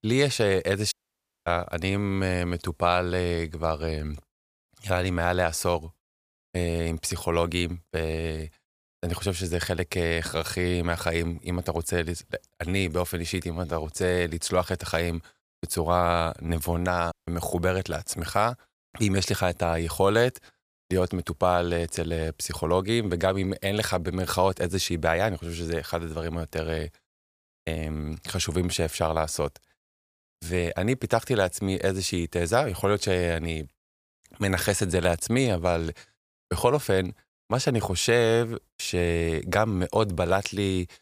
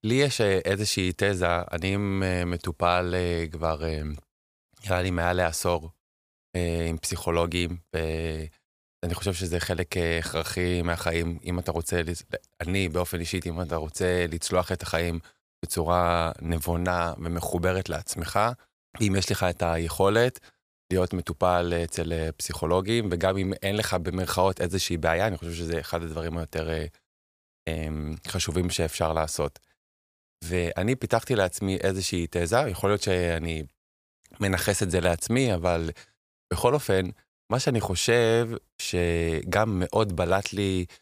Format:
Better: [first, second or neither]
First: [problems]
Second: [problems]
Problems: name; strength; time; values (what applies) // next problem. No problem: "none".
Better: second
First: audio cutting out; at 1 s for 0.5 s and at 17 s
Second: none